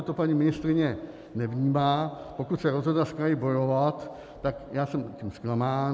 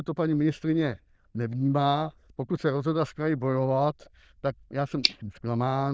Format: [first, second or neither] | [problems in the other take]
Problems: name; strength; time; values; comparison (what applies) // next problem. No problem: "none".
first | noise reduction (neural diffusion model UNIVERSE++)